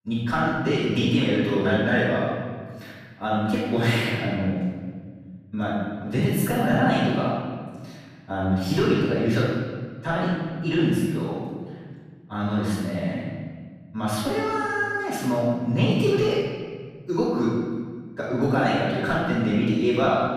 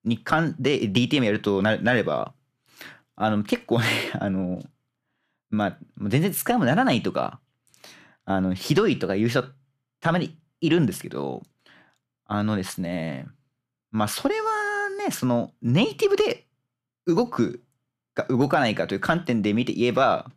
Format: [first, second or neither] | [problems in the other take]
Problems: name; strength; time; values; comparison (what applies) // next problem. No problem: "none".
second | off-mic speech; far // room echo; strong; dies away in 1.6 s